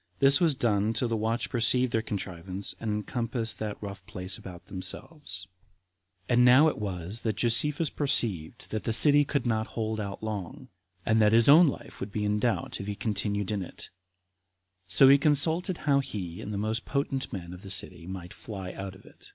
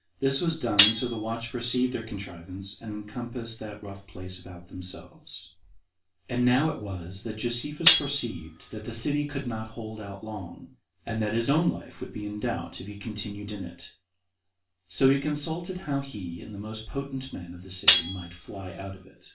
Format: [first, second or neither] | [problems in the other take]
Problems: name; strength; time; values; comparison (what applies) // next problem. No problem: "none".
first | background sound (Cutlery, silverware); 3 dB above the speech // room echo; dies away in 0.2 s